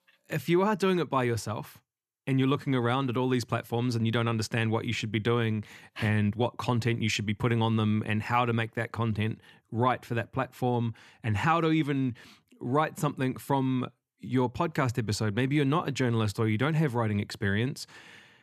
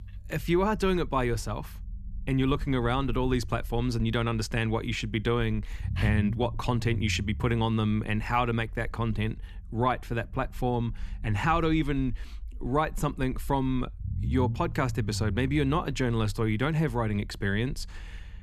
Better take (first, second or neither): first